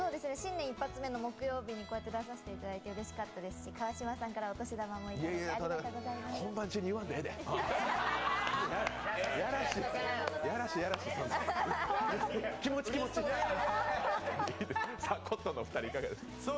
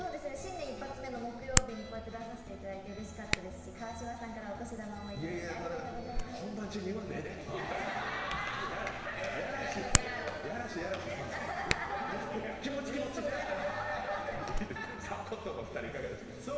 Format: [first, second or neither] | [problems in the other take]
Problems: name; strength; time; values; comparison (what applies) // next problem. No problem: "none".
first | background sound (Hands); 3 dB below the speech // room echo; dies away in 1.6 s